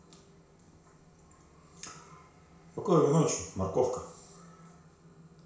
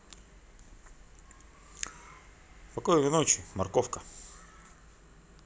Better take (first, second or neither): second